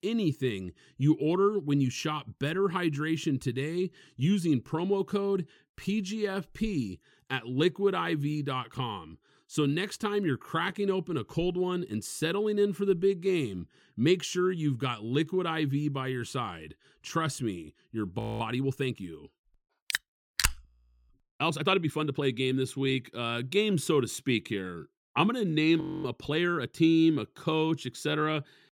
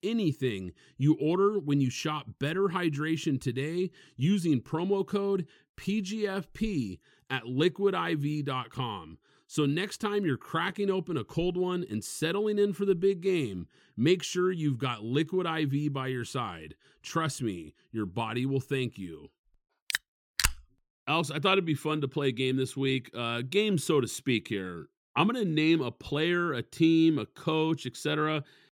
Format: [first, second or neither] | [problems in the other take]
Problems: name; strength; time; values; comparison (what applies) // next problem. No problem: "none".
second | audio freezing; at 18 s, at 21 s and at 26 s